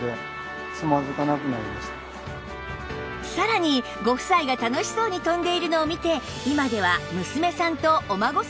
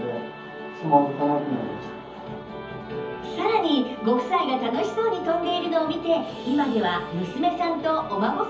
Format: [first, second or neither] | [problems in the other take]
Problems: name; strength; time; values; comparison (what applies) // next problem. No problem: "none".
first | room echo; dies away in 0.7 s